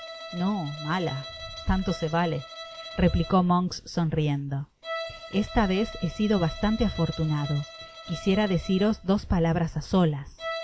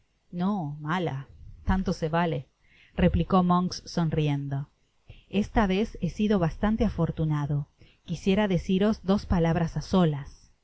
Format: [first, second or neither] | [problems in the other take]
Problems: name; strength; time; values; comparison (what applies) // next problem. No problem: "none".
second | background sound (Bowed string instrument); 14 dB below the speech